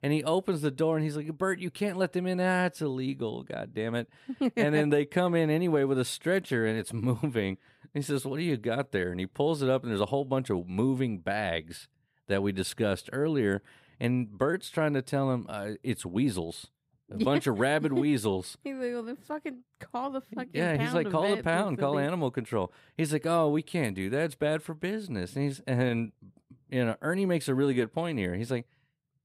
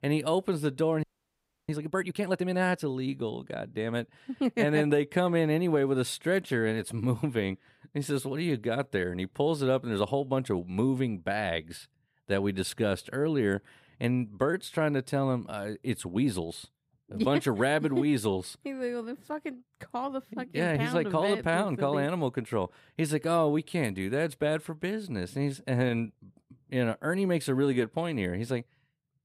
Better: first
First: none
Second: audio freezing; at 1 s for 0.5 s

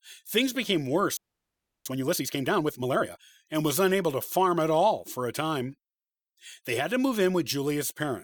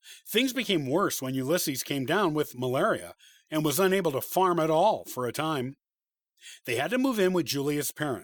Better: second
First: audio freezing; at 1 s for 0.5 s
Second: none

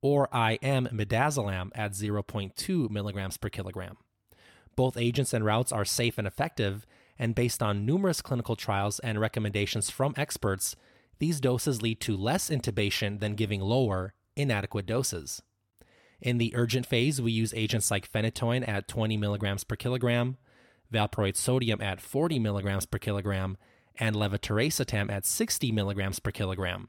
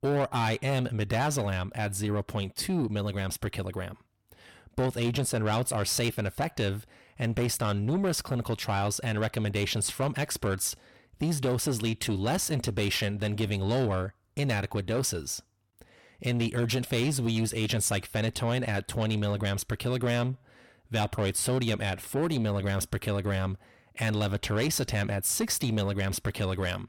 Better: first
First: none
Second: distortion; slight; 10 dB below the speech

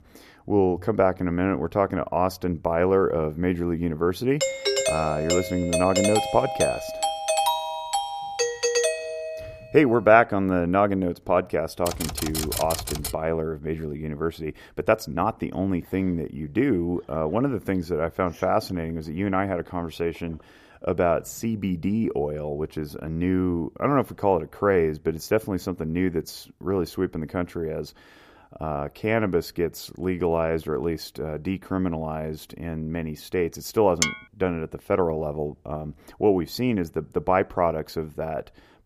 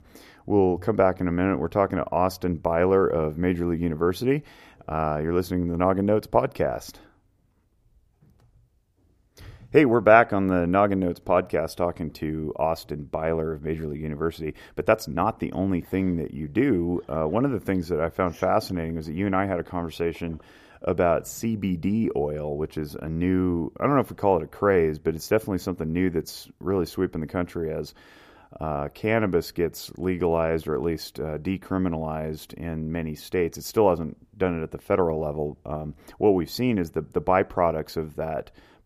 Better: second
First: doorbell; loud; from 4.5 to 9.5 s; peak 3 dB above the speech // keyboard typing; noticeable; from 12 to 13 s; peak 3 dB below the speech // clattering dishes; noticeable; at 34 s; peak level with the speech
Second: none

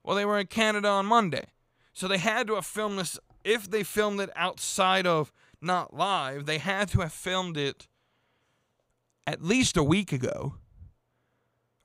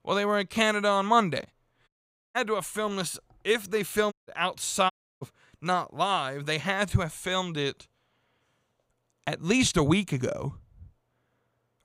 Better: first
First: none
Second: audio cutting out; at 2 s, at 4 s and at 5 s

